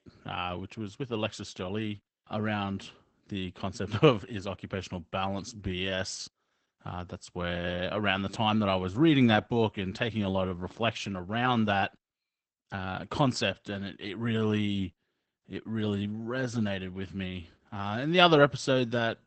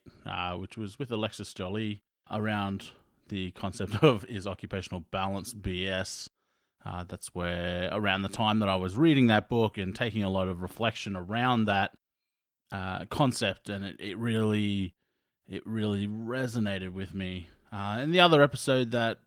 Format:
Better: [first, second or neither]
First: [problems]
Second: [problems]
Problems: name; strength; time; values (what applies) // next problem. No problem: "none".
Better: second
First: garbled, watery; badly; nothing above 8 kHz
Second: garbled, watery; slightly